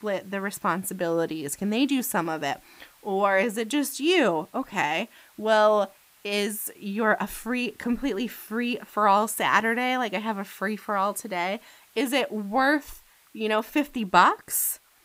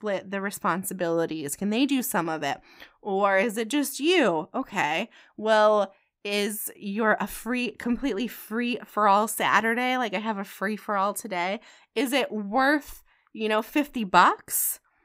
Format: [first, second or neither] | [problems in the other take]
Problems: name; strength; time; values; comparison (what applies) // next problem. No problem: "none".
second | hiss; faint; throughout; 30 dB below the speech